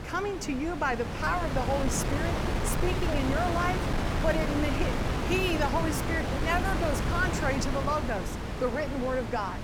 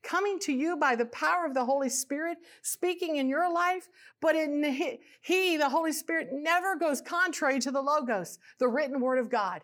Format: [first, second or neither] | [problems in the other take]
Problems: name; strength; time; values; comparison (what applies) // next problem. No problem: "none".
second | wind noise on the microphone; heavy; 3 dB below the speech